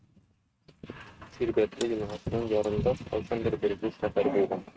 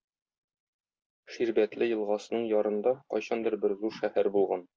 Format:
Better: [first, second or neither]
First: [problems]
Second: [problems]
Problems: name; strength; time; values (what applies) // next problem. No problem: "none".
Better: second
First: noise reduction (neural mask model RNNoise)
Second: none